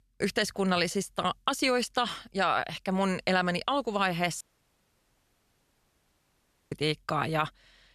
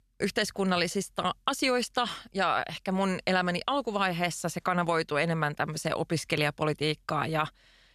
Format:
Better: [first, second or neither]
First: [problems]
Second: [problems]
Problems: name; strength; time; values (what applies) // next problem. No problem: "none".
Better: second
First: audio cutting out; at 4.5 s for 2.5 s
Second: none